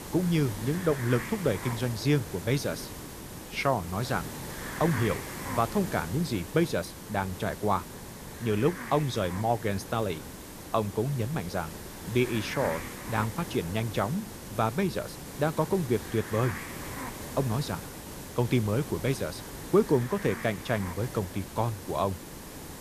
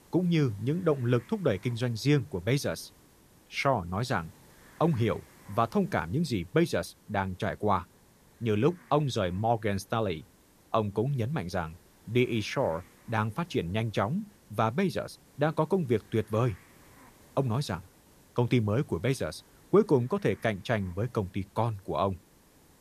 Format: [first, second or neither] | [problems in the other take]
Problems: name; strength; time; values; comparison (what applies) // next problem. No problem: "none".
second | hiss; loud; throughout; 10 dB below the speech; faint in the second